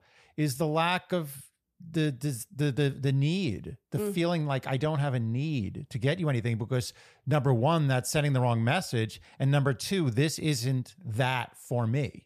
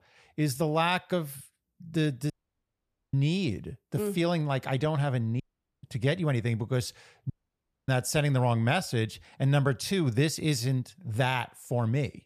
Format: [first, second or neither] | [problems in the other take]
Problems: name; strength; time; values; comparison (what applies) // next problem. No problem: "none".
first | audio cutting out; at 2.5 s for 1 s, at 5.5 s and at 7.5 s for 0.5 s